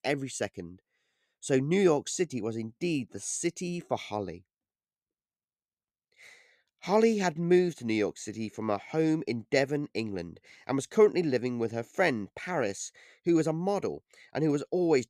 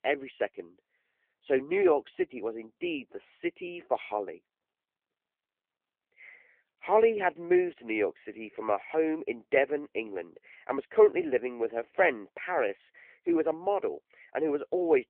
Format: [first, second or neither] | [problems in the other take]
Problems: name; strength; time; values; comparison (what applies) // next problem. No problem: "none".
first | phone-call audio